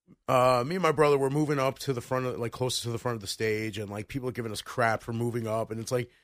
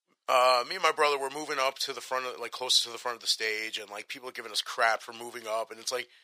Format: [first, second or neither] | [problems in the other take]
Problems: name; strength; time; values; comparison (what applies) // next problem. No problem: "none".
first | thin; very; fading below 750 Hz